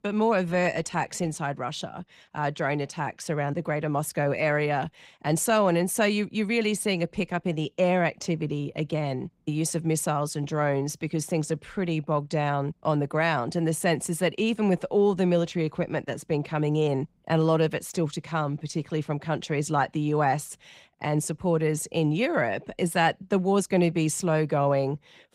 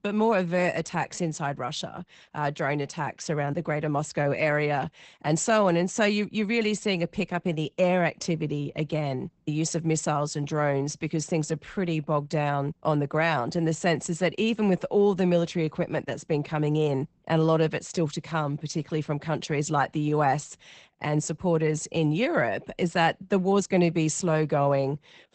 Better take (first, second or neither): first